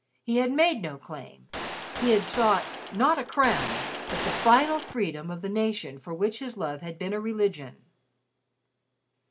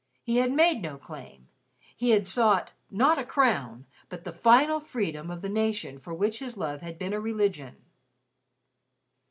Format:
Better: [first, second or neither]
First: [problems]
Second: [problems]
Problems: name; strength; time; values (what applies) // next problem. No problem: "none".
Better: second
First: background sound (Gunshot, gunfire); 6 dB below the speech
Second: none